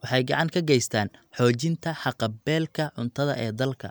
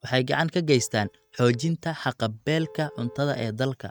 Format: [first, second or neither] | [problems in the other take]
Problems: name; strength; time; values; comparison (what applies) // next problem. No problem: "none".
first | noise reduction (neural mask model RNNoise)